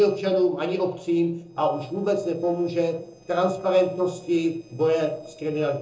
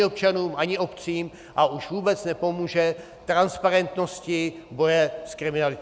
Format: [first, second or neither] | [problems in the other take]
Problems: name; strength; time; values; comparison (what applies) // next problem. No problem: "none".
second | noise reduction (neural separator model SepFormer DNS4)